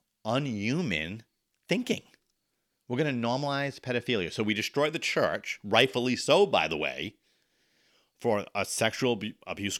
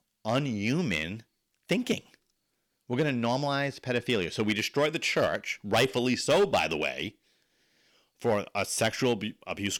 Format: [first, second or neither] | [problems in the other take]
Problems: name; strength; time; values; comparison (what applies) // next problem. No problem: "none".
first | distortion; slight; 2% of the sound clipped